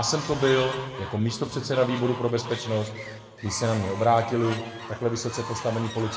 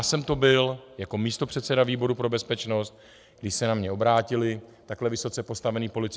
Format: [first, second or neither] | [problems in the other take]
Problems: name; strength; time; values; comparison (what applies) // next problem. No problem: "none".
second | background sound (Fowl); 12 dB below the speech // room echo; dies away in 1.6 s